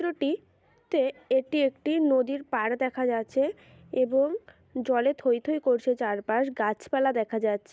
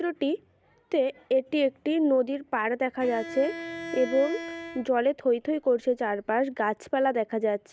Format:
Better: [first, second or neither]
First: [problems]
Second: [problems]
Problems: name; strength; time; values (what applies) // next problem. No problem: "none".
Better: first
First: none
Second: background sound (Bowed string instrument); 12 dB below the speech